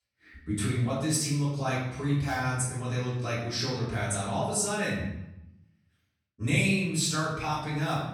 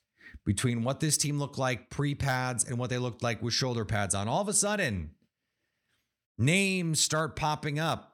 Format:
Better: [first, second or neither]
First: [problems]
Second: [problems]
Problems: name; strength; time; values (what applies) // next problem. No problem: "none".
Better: second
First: off-mic speech; far // room echo; noticeable; dies away in 0.7 s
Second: none